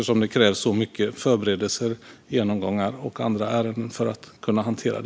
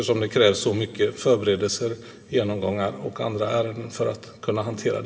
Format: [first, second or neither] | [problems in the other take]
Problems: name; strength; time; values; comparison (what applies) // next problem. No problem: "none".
first | room echo; dies away in 2.6 s